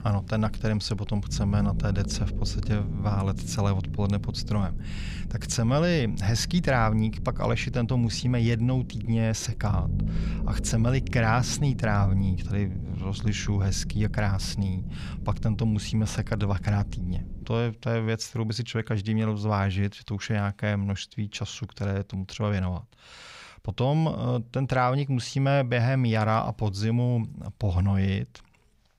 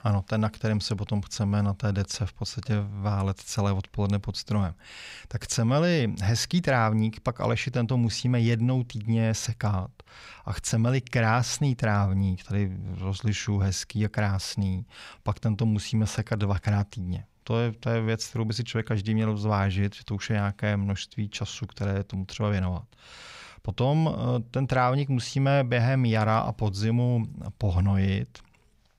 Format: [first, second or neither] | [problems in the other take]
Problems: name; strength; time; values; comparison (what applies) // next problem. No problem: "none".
second | low rumble; noticeable; until 18 s; 15 dB below the speech